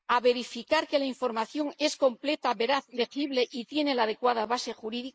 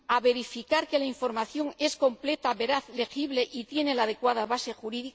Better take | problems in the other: second | noise reduction (neural mask model Resemble Enhance denoiser)

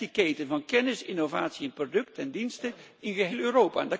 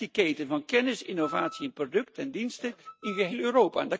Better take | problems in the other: first | noise reduction (neural mask model RNNoise)

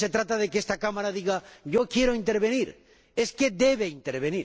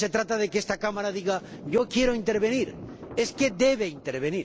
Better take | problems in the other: first | background sound (Thunder); 18 dB below the speech

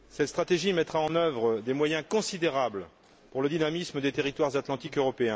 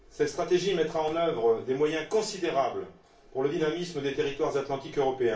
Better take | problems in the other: first | room echo; dies away in 0.3 s

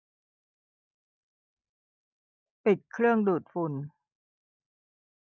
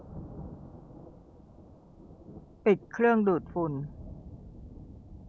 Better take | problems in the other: first | background sound (Thunder); 15 dB below the speech

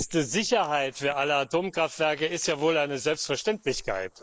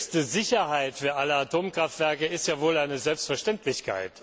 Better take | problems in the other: second | noise reduction (neural mask model Resemble Enhance denoiser)

